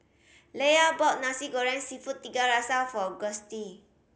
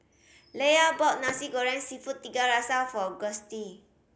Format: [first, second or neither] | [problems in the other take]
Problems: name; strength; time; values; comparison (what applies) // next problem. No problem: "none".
first | background sound (Fireworks); 19 dB below the speech